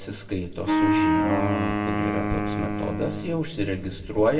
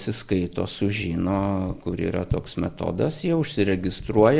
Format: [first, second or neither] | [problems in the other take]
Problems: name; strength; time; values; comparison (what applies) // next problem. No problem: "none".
second | background sound (Wind instrument, woodwind instrument); 2 dB above the speech // room echo; dies away in 1.2 s